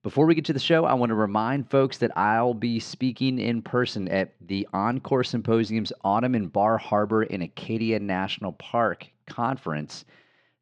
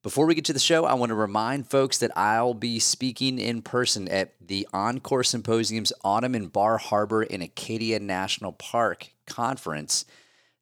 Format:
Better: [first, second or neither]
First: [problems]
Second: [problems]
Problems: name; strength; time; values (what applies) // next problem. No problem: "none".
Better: second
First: muffled; slightly; fading above 3 kHz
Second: none